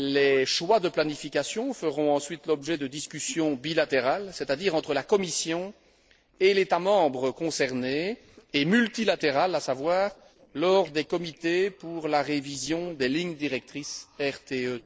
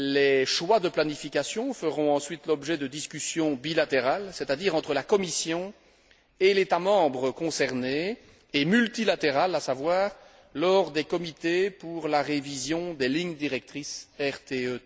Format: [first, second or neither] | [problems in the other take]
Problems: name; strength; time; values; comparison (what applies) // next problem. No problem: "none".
second | noise reduction (neural separator model SepFormer DNS4)